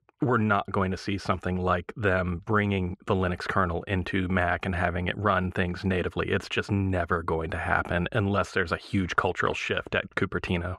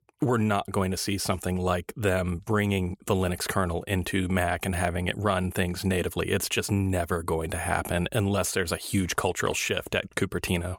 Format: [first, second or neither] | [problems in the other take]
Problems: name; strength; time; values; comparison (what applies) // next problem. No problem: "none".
second | muffled; slightly; fading above 3 kHz